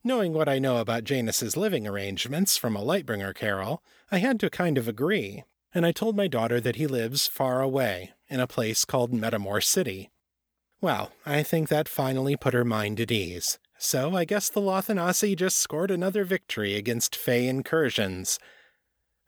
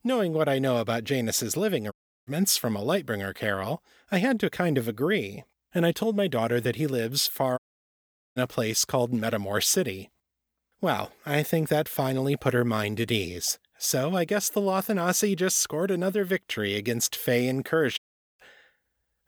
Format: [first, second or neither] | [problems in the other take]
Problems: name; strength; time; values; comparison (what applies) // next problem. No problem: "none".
first | audio cutting out; at 2 s, at 7.5 s for 1 s and at 18 s